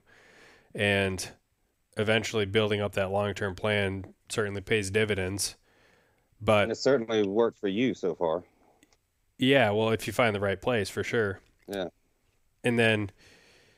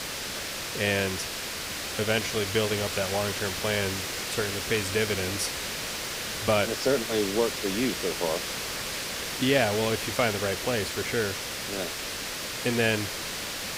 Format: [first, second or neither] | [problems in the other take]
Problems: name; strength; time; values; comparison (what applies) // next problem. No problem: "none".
first | hiss; loud; throughout; 3 dB below the speech